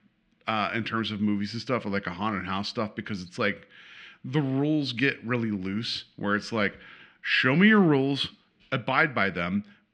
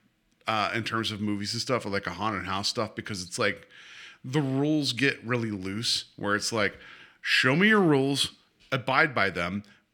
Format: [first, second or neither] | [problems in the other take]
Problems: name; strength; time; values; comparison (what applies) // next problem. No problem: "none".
second | muffled; very slightly; fading above 3 kHz